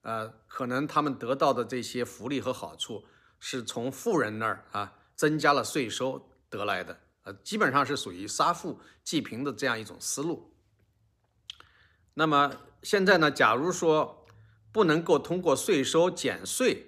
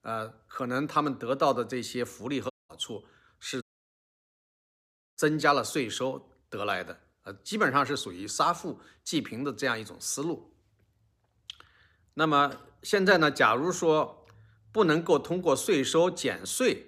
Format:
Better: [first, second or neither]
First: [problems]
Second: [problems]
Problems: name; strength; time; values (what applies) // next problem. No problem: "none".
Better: first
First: none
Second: audio cutting out; at 2.5 s and at 3.5 s for 1.5 s